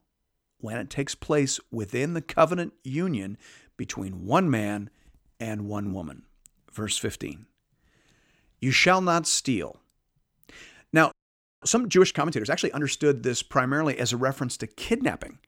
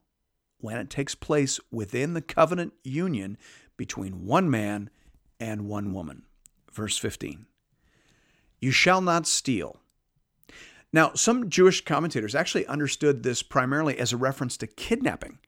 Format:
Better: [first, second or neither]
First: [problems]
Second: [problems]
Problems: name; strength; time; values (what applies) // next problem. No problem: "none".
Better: second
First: audio freezing; at 11 s for 0.5 s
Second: none